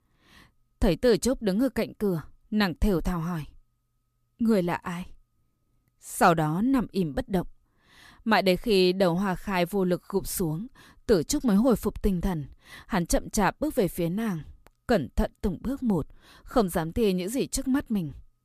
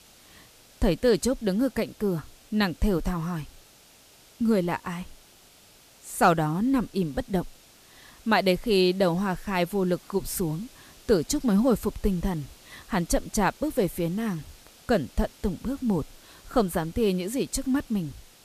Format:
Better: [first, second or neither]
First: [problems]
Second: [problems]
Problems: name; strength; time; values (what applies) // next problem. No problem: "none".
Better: first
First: none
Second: hiss; faint; throughout; 25 dB below the speech